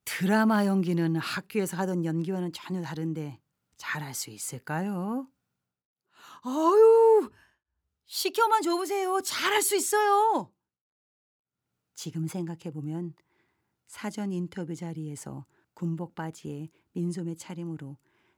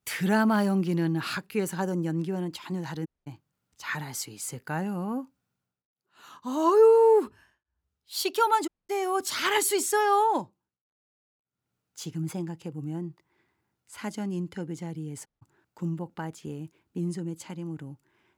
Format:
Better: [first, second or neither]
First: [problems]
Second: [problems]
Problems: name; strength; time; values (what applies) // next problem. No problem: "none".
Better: first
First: none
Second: audio cutting out; at 3 s, at 8.5 s and at 15 s